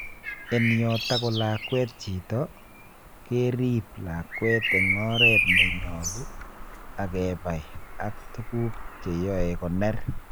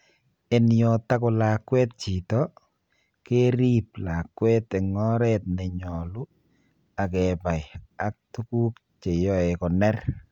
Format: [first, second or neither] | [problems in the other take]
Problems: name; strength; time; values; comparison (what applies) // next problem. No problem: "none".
second | background sound (Bird vocalization, bird call, bird song); 1 dB below the speech